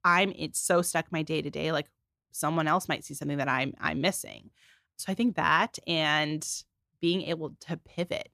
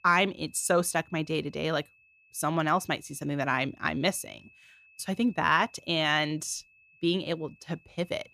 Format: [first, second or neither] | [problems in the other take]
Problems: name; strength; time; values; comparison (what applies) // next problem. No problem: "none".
first | high-pitched whine; faint; throughout; 2.5 kHz, 30 dB below the speech